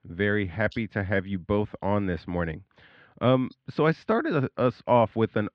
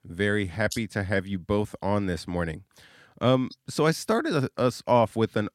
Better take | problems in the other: second | muffled; very; fading above 3 kHz

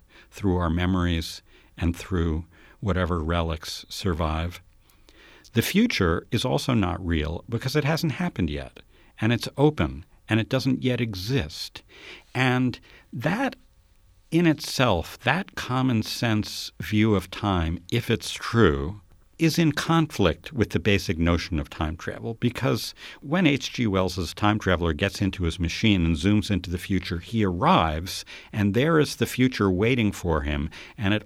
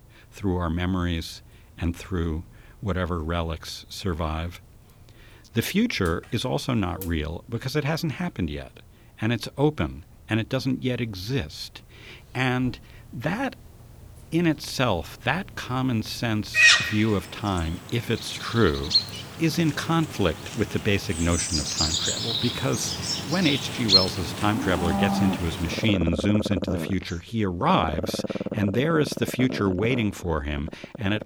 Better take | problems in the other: first | animal sounds; very loud; throughout; 1 dB above the speech

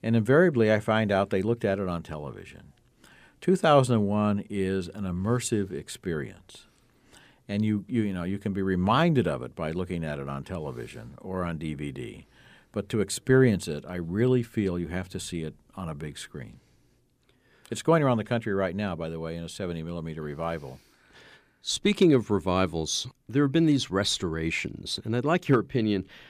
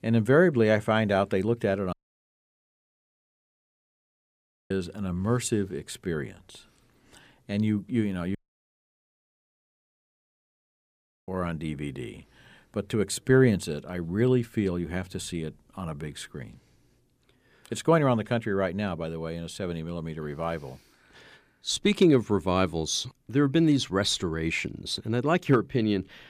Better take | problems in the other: first | audio cutting out; at 2 s for 3 s and at 8.5 s for 3 s

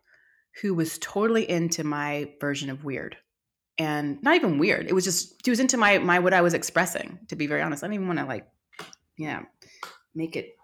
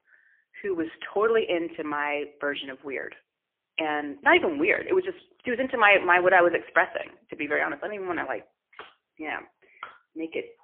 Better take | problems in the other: first | phone-call audio; poor line

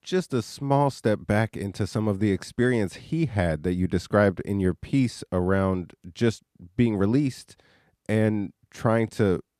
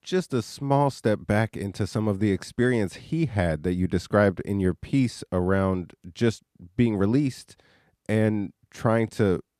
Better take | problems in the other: neither | none

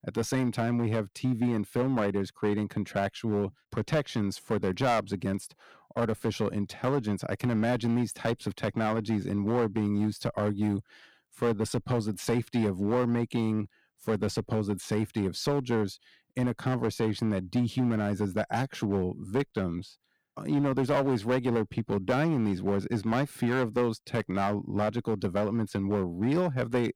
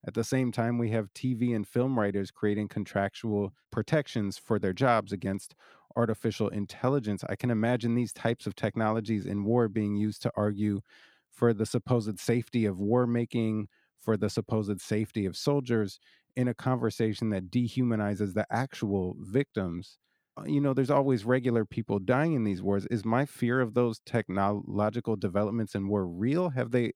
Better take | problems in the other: second | distortion; slight; 7% of the sound clipped

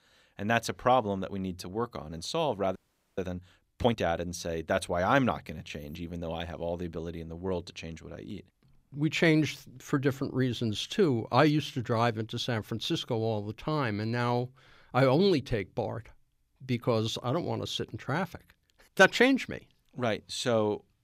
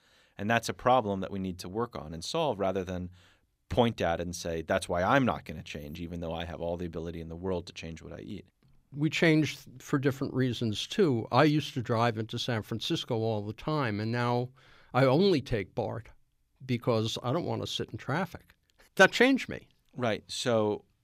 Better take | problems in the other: second | audio freezing; at 3 s

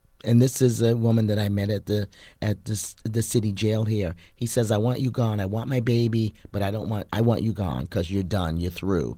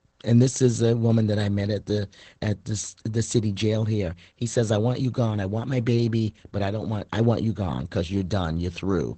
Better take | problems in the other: first | garbled, watery; badly; nothing above 8 kHz; slightly in the first

